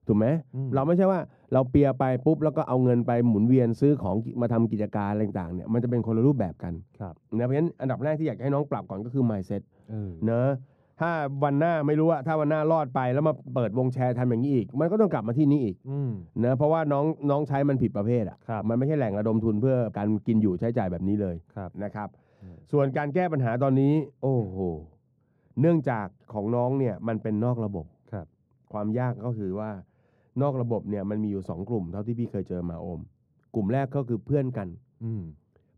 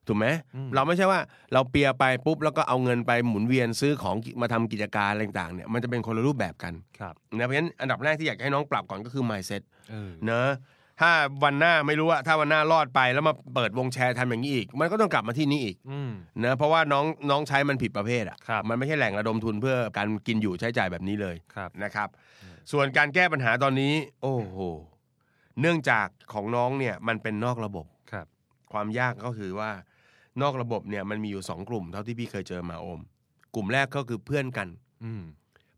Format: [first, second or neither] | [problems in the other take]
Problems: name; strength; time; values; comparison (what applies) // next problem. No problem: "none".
second | muffled; very; fading above 1 kHz